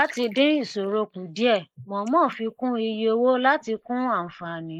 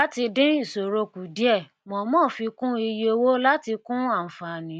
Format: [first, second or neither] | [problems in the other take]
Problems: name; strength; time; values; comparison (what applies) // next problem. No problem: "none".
second | noise reduction (neural mask model Resemble Enhance denoiser)